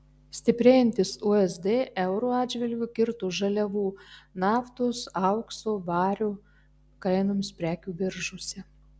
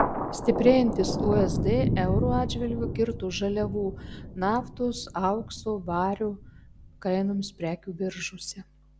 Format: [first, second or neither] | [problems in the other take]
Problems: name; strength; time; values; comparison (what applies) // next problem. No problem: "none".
first | background sound (Thunder); 4 dB below the speech